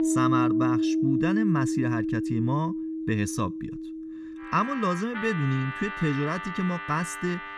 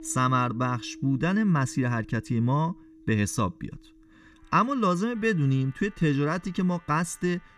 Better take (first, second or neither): second